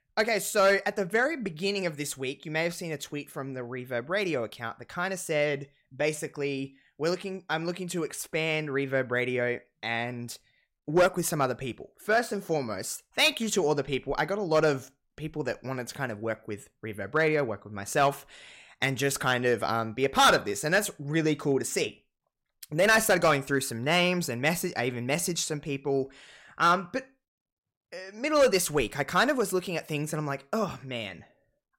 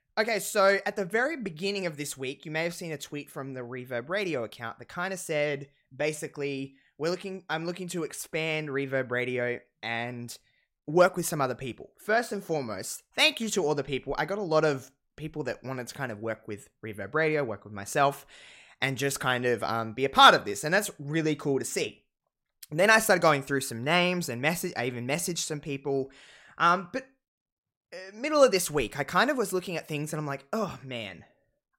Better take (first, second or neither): second